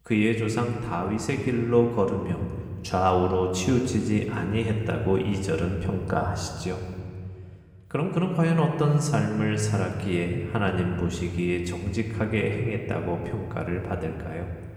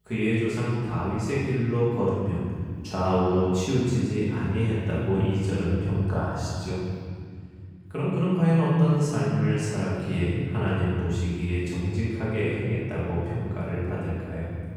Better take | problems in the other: first | room echo; strong; dies away in 2.4 s; slight in the first // off-mic speech; far; somewhat distant in the first

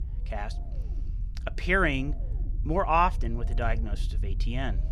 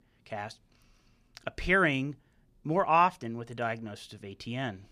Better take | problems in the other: second | low rumble; faint; throughout; 25 dB below the speech

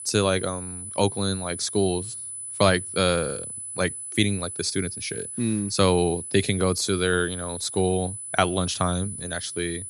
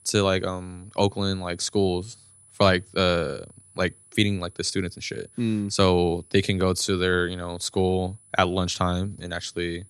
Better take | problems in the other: second | high-pitched whine; loud; throughout; 10 kHz, 8 dB below the speech; faint in the second

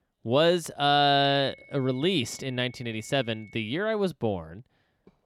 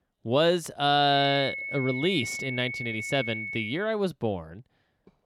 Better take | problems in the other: first | high-pitched whine; loud; from 1 to 4 s; 2 kHz, 6 dB below the speech; faint in the first

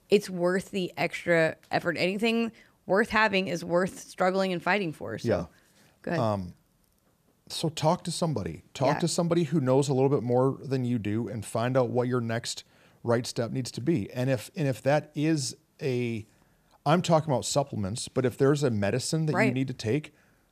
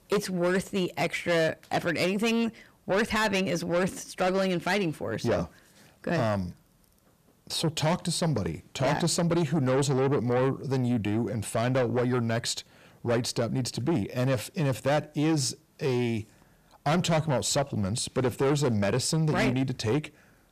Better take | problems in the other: first | distortion; heavy; 8 dB below the speech

